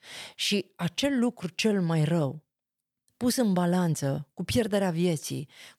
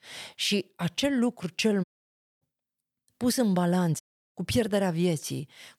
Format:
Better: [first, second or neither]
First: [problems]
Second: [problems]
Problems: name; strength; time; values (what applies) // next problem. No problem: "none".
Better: first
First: none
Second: audio cutting out; at 2 s for 0.5 s and at 4 s